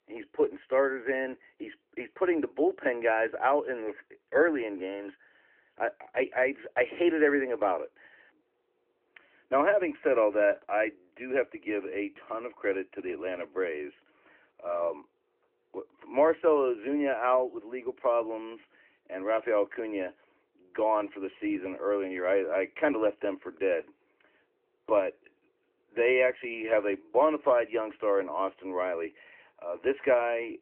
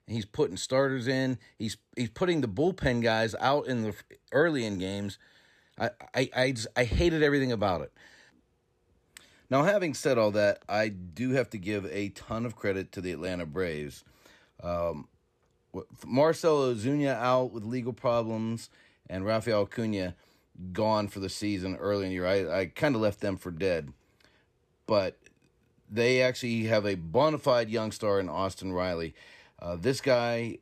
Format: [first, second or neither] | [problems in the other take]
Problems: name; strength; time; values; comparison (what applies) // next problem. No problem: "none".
second | phone-call audio